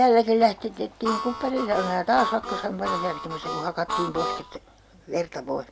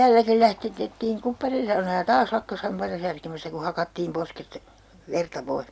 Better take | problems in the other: second | background sound (Harmonica); 6 dB below the speech

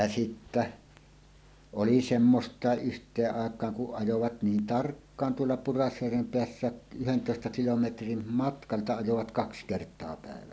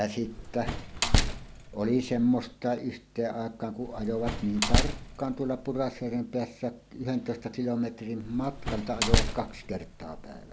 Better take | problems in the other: first | background sound (Slam); 1 dB above the speech

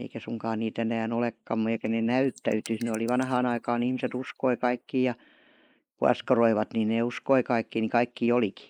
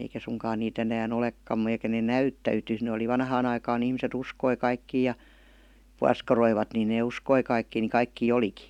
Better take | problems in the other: second | noise reduction (neural mask model Resemble Enhance denoiser)

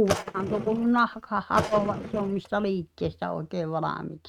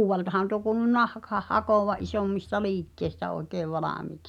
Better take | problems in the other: second | noise reduction (neural mask model RNNoise)

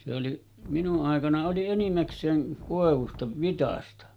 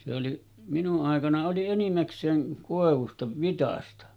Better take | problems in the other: second | background sound (Wind); 17 dB below the speech

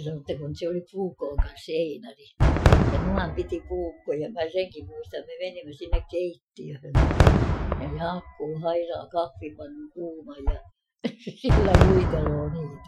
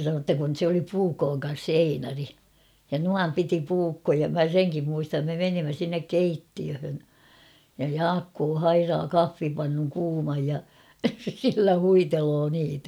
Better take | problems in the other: second | noise reduction (classical method Wiener filter)

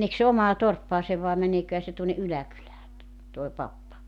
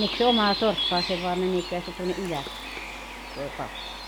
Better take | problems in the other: first | background sound (Bird); 5 dB below the speech

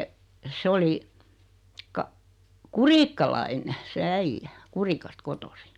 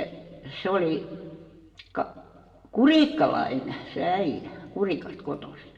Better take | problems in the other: first | room echo; dies away in 1.3 s

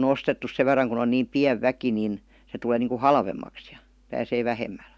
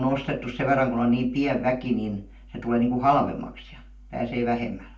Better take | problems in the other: first | room echo; dies away in 0.3 s

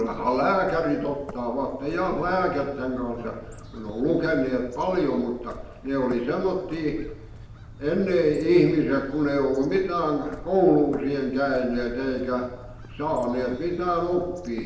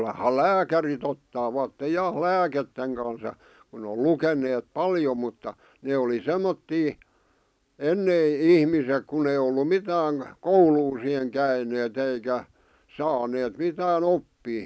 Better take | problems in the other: second | background sound (Bird); 16 dB below the speech // room echo; dies away in 0.9 s

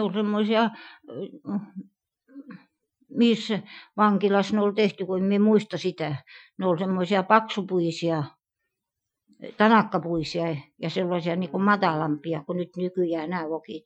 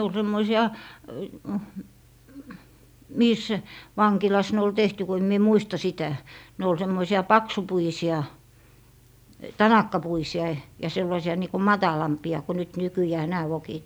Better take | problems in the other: second | noise reduction (classical method Wiener filter)

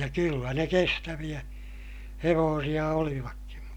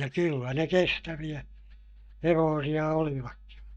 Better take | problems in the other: first | noise reduction (neural mask model DeepFilterNet 3)

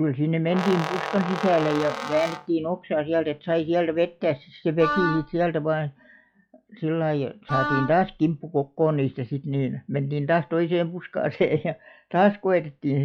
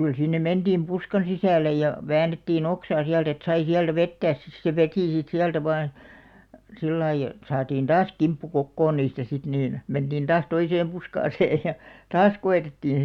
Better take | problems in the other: second | noise reduction (classical method log-MMSE)

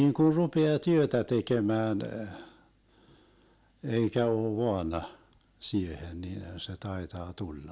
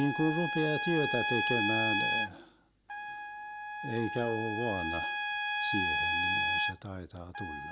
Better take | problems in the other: first | background sound (Trumpet); 2 dB above the speech

